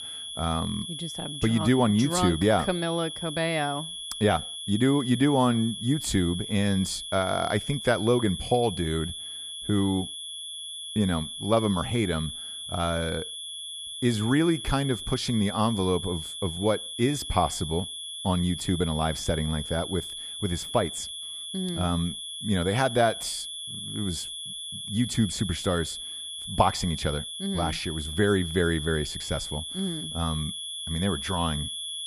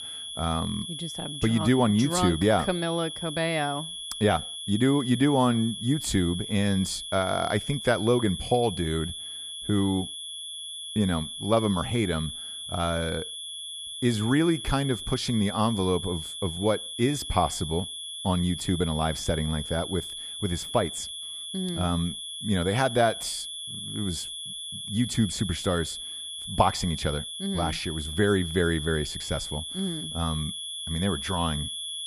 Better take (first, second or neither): neither